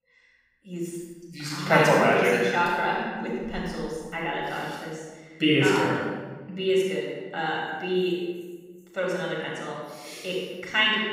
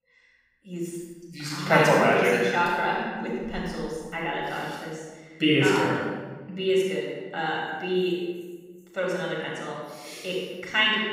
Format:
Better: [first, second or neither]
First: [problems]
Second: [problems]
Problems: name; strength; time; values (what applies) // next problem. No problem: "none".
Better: neither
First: off-mic speech; far // room echo; strong; dies away in 1.2 s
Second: off-mic speech; far // room echo; strong; dies away in 1.2 s